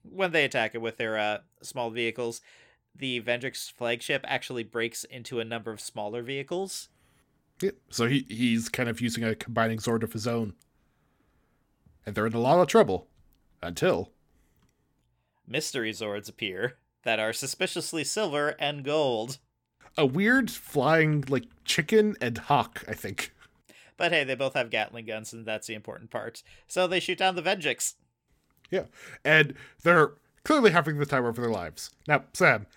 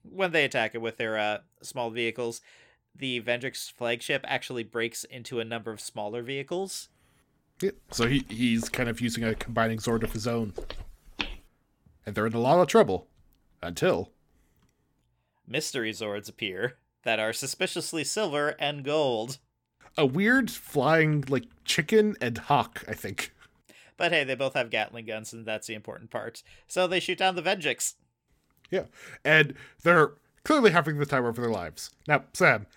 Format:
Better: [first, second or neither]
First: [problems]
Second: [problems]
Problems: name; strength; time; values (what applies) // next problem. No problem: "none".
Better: first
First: none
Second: footsteps; noticeable; from 8 to 11 s; peak 8 dB below the speech